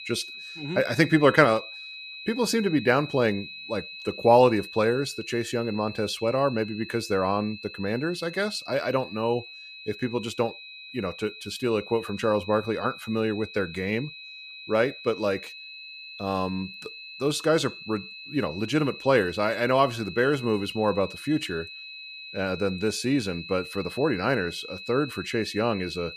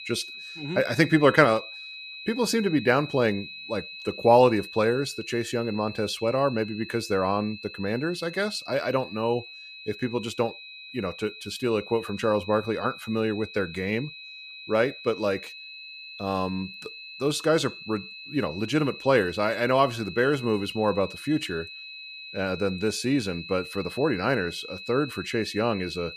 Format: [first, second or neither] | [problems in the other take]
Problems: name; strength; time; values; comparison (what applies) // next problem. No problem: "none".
neither | high-pitched whine; noticeable; throughout; 2.5 kHz, 15 dB below the speech; the same in both